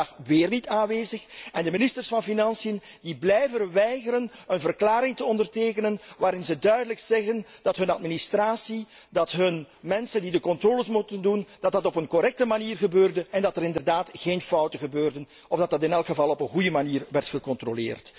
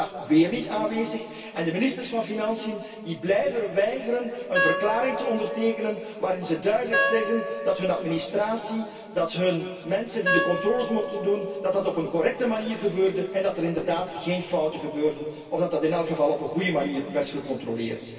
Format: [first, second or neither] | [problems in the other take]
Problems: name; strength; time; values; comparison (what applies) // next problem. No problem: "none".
first | background sound (Wind instrument, woodwind instrument); 4 dB below the speech // room echo; dies away in 2.6 s